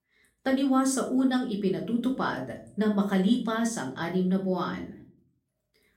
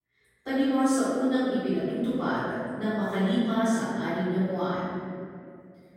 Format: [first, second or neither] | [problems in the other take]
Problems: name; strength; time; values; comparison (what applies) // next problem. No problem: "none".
first | room echo; strong; dies away in 2.2 s; slight in the first // off-mic speech; far; far in the first